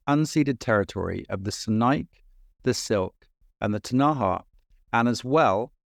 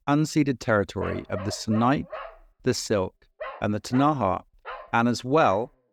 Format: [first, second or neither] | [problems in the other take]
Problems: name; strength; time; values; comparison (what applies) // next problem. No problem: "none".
first | dog barking; faint; from 1 s on; peak 10 dB below the speech